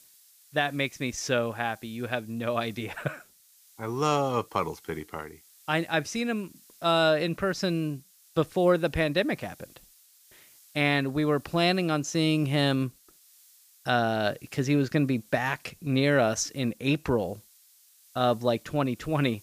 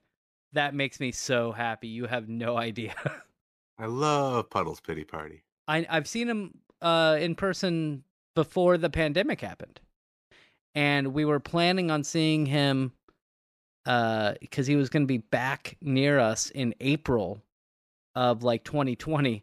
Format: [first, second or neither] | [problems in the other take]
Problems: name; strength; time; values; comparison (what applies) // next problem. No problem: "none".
second | hiss; faint; throughout; 25 dB below the speech